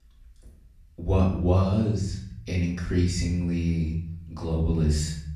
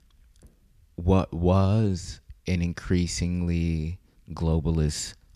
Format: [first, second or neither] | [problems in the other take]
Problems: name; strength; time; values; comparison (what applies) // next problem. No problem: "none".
second | off-mic speech; far // room echo; noticeable; dies away in 0.6 s